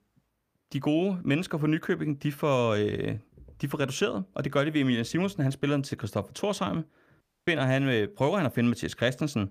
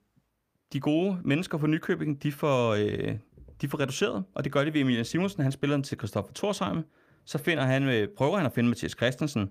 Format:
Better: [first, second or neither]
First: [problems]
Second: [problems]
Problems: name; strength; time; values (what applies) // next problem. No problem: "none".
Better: second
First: audio cutting out; at 7 s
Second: none